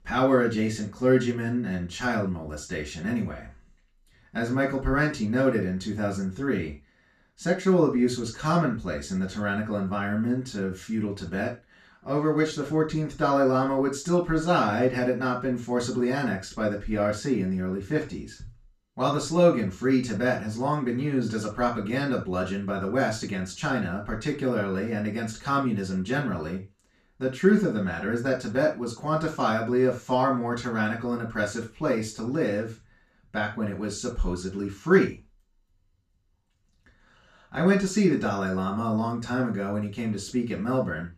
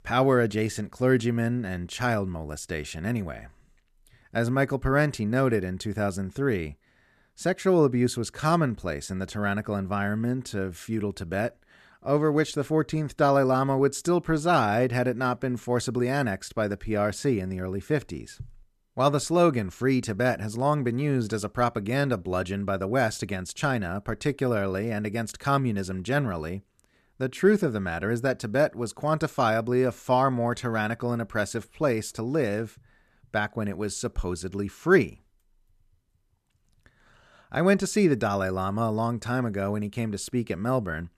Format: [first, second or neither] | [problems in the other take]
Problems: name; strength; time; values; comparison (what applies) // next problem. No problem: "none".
second | room echo; slight; dies away in 0.3 s // off-mic speech; far